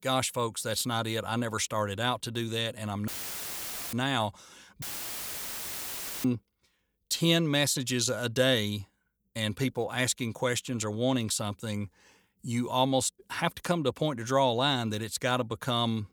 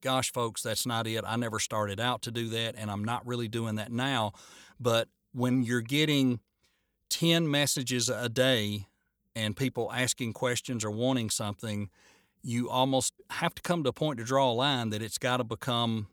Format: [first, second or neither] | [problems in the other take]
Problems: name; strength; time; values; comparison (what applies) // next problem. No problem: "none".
second | audio cutting out; filled with static; at 3 s for 1 s and at 5 s for 1.5 s